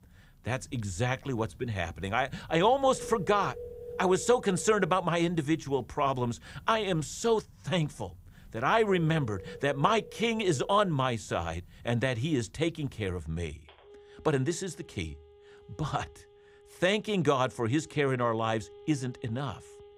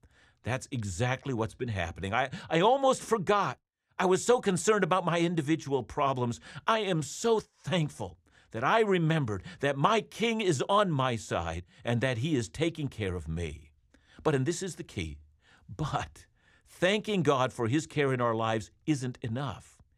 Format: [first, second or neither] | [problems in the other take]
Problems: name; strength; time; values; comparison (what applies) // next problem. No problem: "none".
second | alarms or sirens; noticeable; throughout; 20 dB below the speech